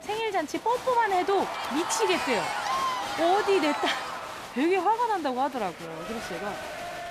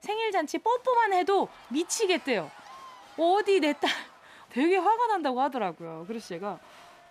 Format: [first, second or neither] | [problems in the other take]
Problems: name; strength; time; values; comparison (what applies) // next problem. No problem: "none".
second | crowd noise; loud; throughout; 5 dB below the speech; faint in the second